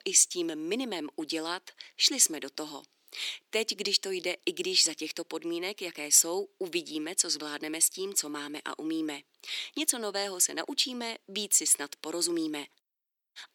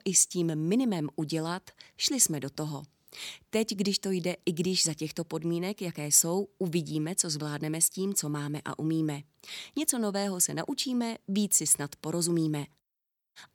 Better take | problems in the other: second | thin; somewhat; fading below 300 Hz

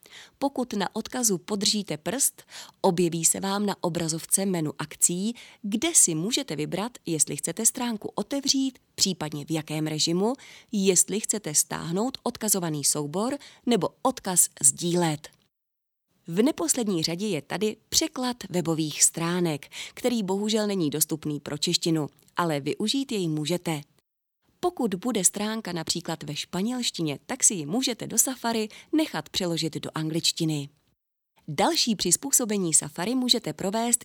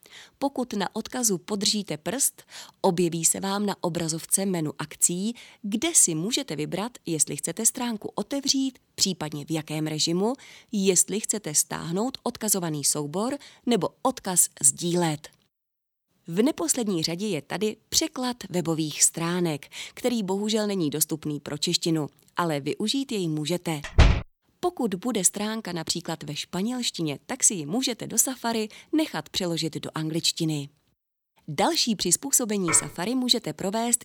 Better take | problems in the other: first | door banging; loud; at 24 s; peak 4 dB above the speech // clattering dishes; noticeable; at 33 s; peak 7 dB below the speech

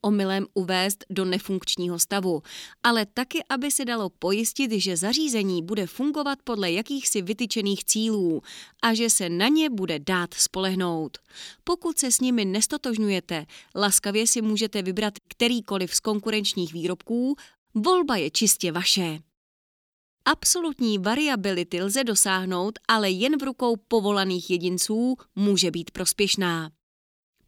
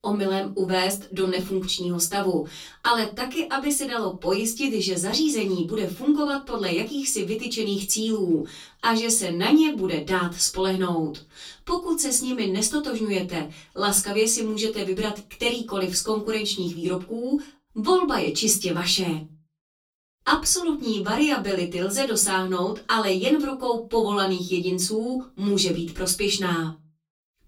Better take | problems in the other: first | off-mic speech; far // room echo; very slight; dies away in 0.2 s

